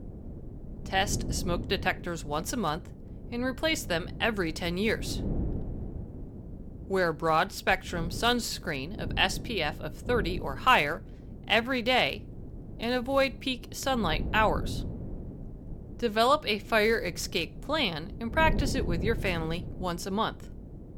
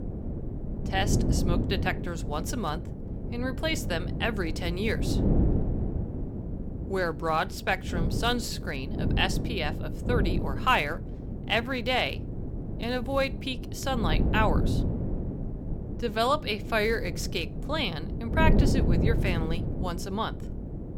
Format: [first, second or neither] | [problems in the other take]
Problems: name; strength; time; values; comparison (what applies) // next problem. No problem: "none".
first | wind noise on the microphone; heavy; 10 dB below the speech; occasional gusts in the first